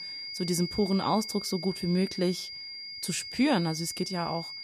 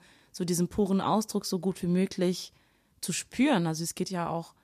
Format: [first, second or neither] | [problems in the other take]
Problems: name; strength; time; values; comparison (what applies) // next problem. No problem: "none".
second | high-pitched whine; loud; throughout; 5 kHz, 8 dB below the speech